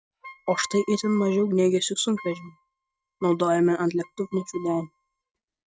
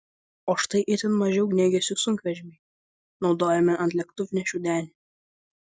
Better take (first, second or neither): second